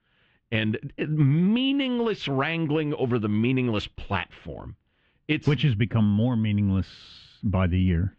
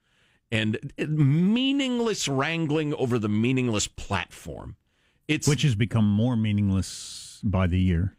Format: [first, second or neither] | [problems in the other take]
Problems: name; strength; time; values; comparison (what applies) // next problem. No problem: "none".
second | muffled; very; fading above 3.5 kHz